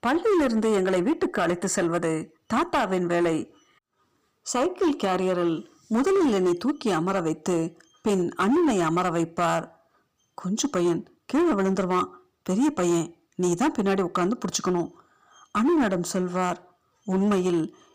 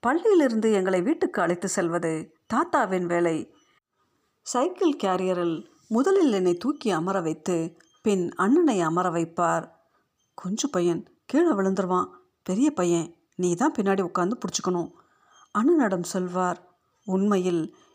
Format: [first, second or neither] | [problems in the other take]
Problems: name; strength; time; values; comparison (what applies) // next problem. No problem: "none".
second | distortion; slight; 11% of the sound clipped